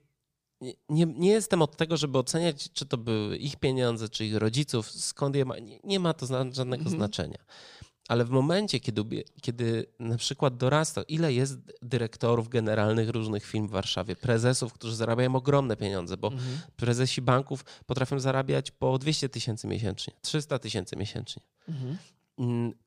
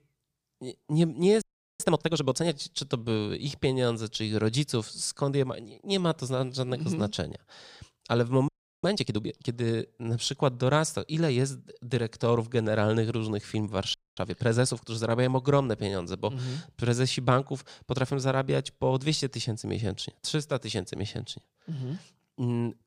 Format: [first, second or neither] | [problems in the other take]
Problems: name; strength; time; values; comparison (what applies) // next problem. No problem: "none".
first | audio freezing; at 1.5 s, at 8.5 s and at 14 s